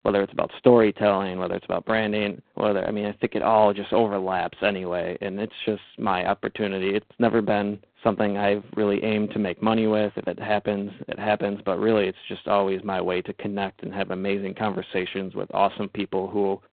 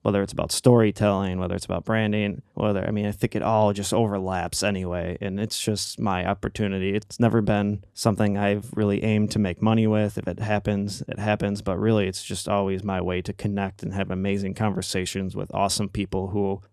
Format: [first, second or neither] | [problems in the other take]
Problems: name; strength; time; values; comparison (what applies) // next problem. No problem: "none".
second | phone-call audio; poor line; nothing above 4 kHz